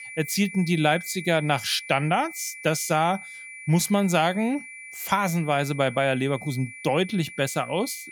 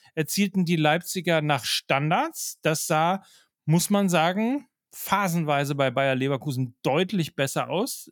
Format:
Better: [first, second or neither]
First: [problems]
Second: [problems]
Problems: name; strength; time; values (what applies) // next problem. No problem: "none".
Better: second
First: high-pitched whine; noticeable; throughout; 2.5 kHz, 15 dB below the speech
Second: none